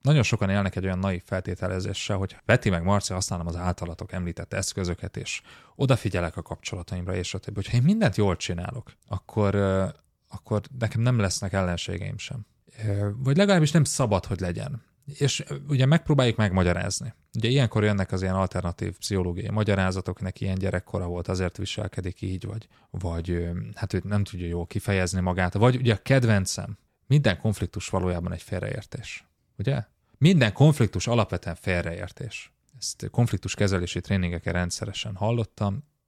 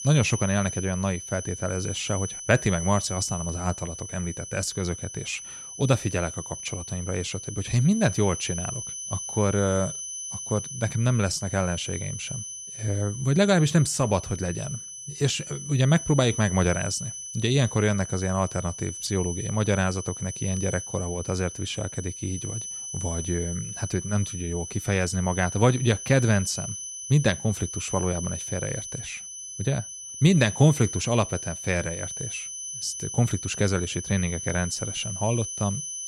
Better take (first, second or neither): first